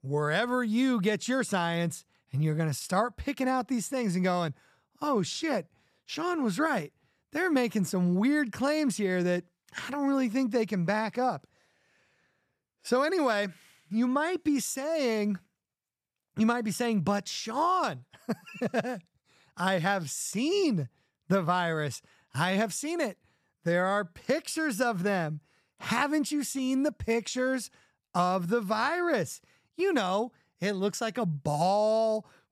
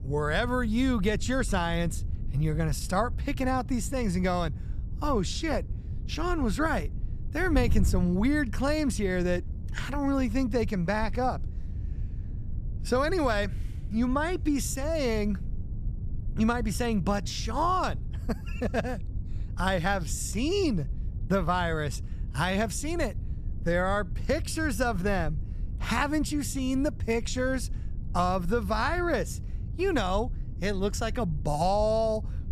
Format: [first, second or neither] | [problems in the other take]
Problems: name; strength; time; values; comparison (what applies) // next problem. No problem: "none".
first | wind noise on the microphone; occasional gusts; 20 dB below the speech